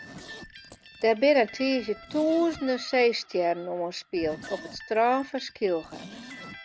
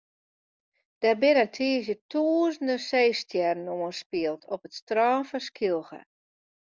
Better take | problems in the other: second | background sound (Guitar + Zipper (clothing)); 18 dB below the speech

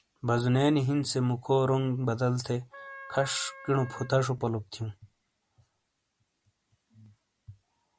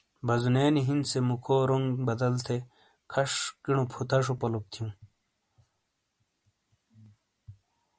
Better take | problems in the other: second | background sound (Wind instrument, woodwind instrument); 16 dB below the speech

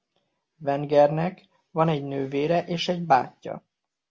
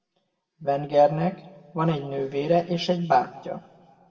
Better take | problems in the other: first | room echo; dies away in 1.5 s

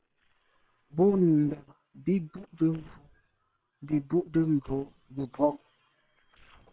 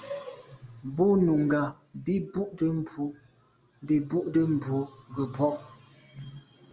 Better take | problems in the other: second | noise reduction (neural separator model SepFormer WHAM!)

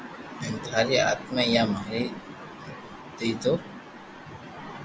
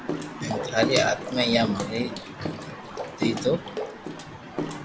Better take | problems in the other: first | background sound (Bathtub (filling or washing) / Water / Splash, splatter); 5 dB below the speech

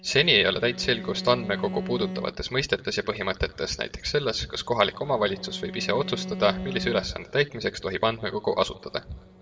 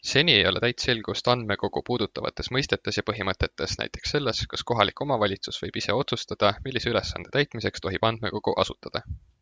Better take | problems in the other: second | background sound (Bowed string instrument); 12 dB below the speech // room echo; dies away in 1.1 s

